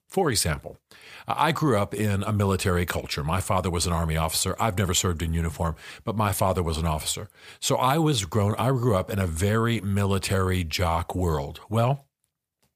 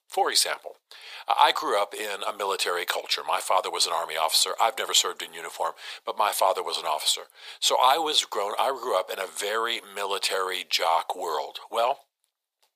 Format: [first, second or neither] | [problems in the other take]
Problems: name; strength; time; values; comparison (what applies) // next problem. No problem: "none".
first | thin; very; fading below 450 Hz